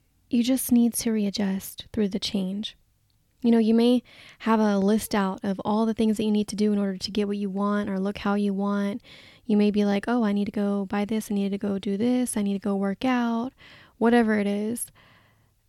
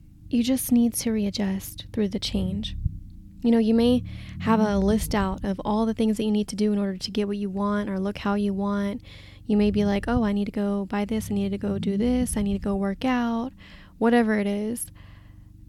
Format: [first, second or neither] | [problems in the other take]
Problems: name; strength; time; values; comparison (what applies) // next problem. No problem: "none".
first | low rumble; noticeable; throughout; 20 dB below the speech